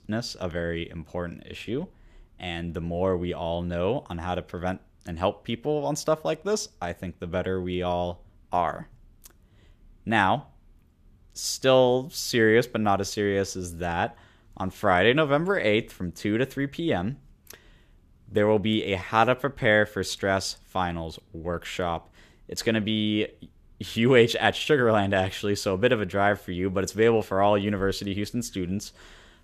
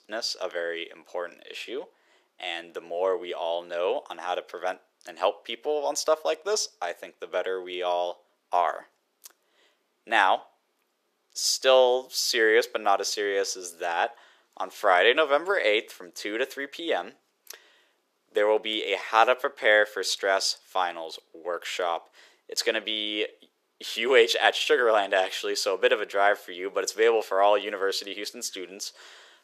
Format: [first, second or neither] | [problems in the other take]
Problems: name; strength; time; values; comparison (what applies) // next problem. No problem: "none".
first | thin; very; fading below 400 Hz